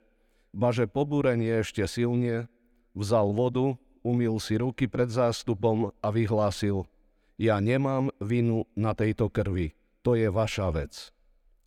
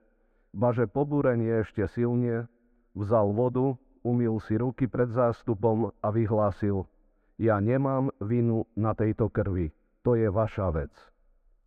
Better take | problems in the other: first | muffled; very; fading above 2 kHz

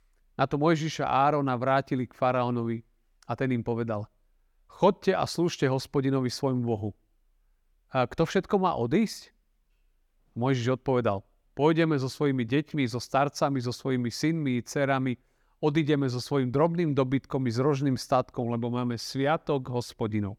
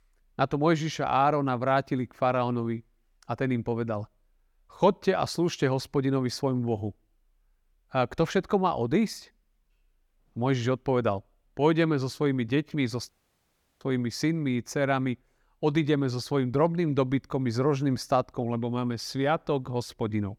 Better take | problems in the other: first | audio cutting out; at 13 s for 0.5 s

